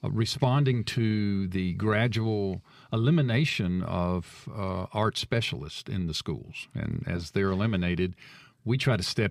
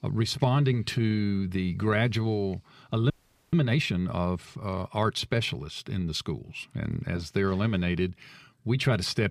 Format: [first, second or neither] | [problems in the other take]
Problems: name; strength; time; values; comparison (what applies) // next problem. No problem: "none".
first | audio freezing; at 3 s